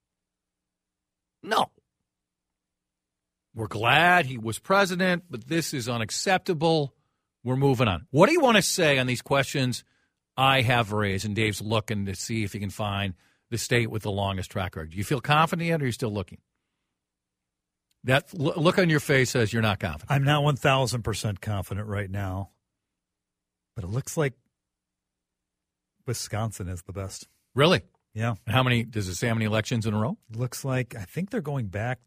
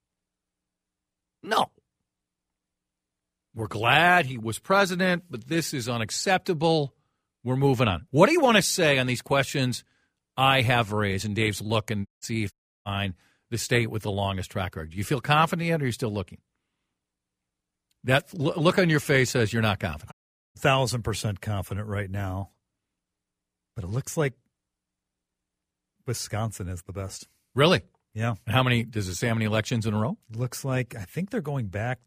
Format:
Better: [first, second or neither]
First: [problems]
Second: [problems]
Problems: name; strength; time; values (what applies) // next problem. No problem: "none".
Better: first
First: none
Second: audio cutting out; at 12 s, at 13 s and at 20 s